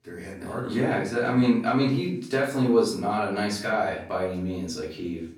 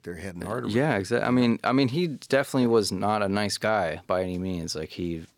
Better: second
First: off-mic speech; far // room echo; noticeable; dies away in 0.4 s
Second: none

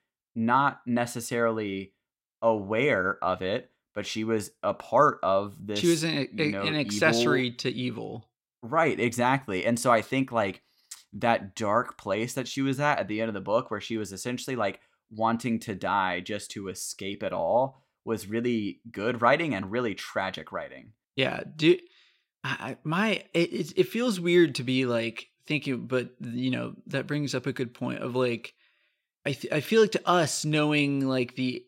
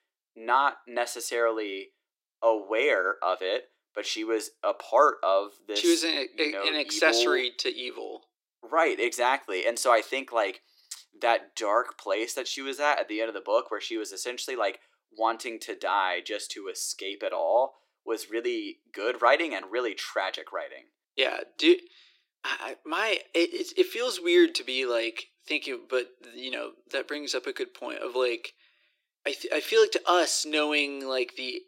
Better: first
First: none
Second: thin; very; fading below 300 Hz

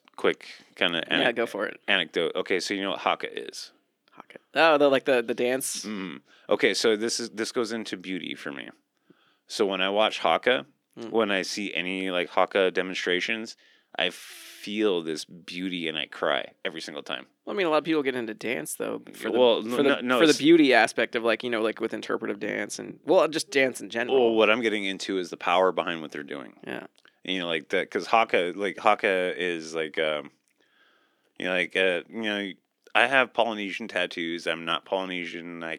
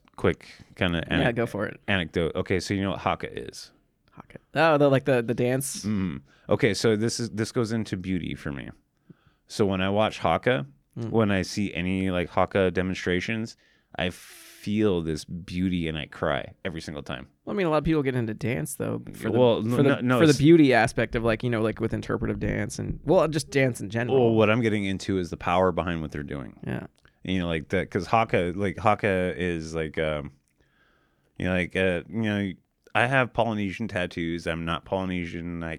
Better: second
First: thin; somewhat; fading below 300 Hz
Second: none

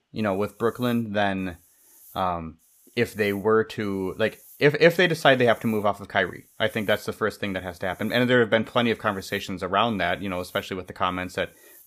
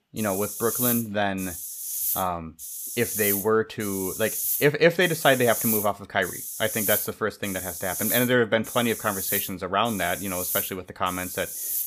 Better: first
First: hiss; faint; throughout; 30 dB below the speech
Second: hiss; loud; throughout; 3 dB below the speech

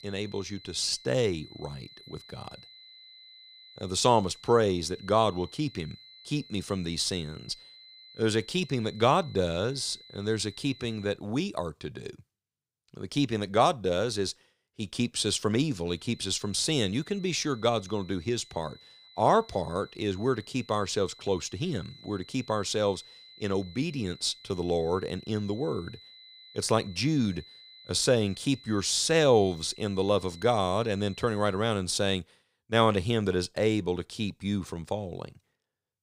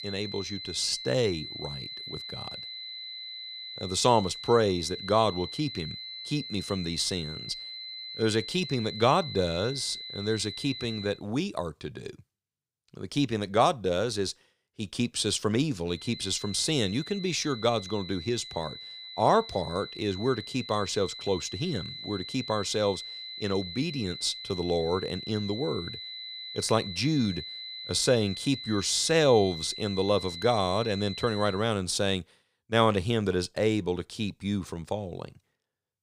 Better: first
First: high-pitched whine; faint; until 11 s and from 16 to 32 s; 4 kHz, 20 dB below the speech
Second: high-pitched whine; loud; until 11 s and from 16 to 32 s; 4 kHz, 9 dB below the speech

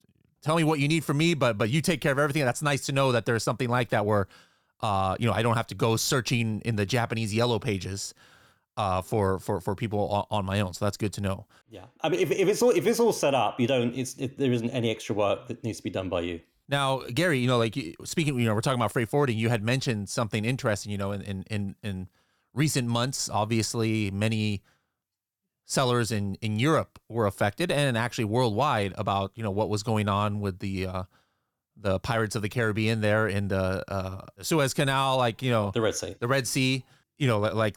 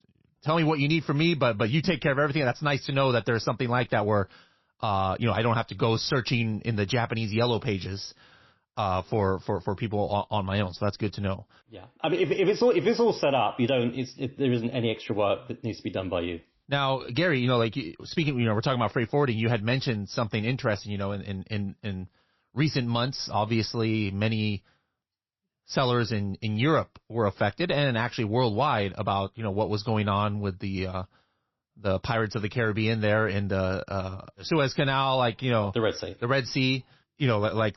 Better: first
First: none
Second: garbled, watery; slightly; nothing above 5.5 kHz

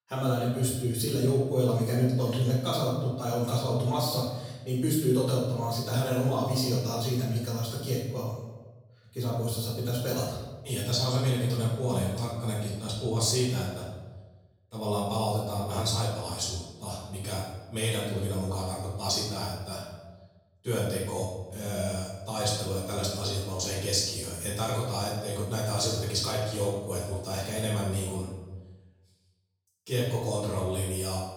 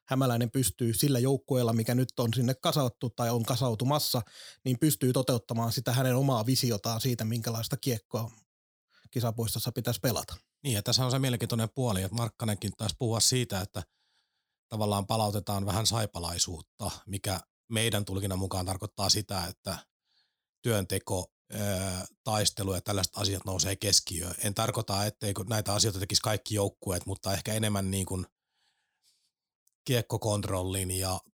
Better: second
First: room echo; noticeable; dies away in 1 s // off-mic speech; far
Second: none

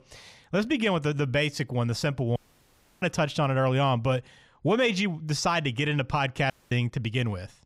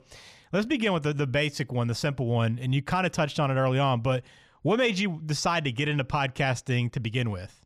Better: second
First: audio cutting out; at 2.5 s for 0.5 s and at 6.5 s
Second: none

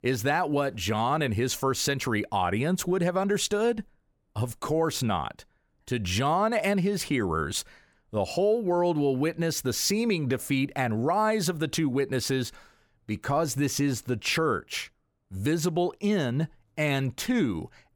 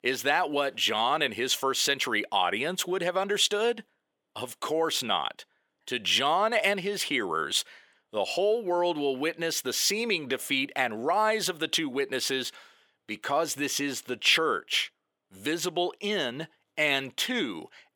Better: first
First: none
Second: thin; somewhat; fading below 350 Hz

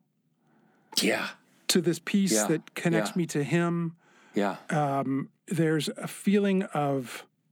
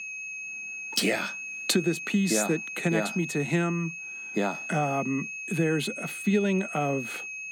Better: first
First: none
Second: high-pitched whine; loud; throughout; 2.5 kHz, 7 dB below the speech

